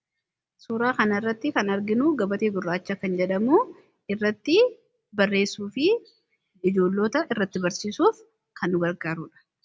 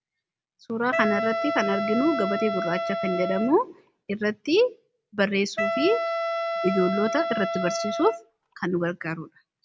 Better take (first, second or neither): first